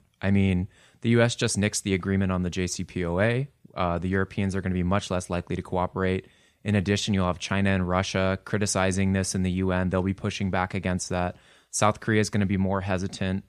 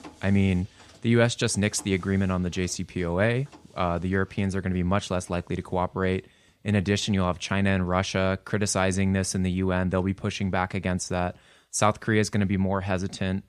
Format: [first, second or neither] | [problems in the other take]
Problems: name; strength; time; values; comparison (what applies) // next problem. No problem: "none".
first | machinery noise; faint; throughout; 30 dB below the speech